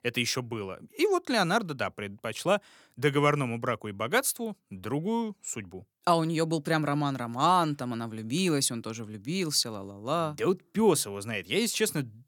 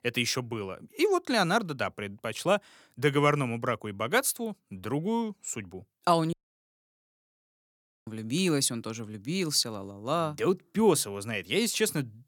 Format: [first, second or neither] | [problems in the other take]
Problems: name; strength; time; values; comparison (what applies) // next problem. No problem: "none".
first | audio cutting out; at 6.5 s for 1.5 s